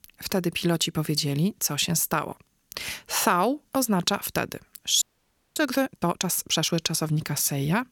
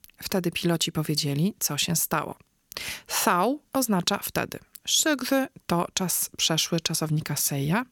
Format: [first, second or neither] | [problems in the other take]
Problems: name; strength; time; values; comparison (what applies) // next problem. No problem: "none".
second | audio freezing; at 5 s for 0.5 s